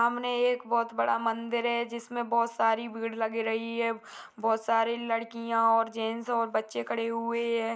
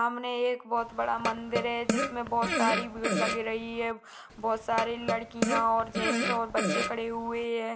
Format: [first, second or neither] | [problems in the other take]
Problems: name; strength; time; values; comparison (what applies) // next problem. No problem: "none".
first | background sound (Fart); 2 dB below the speech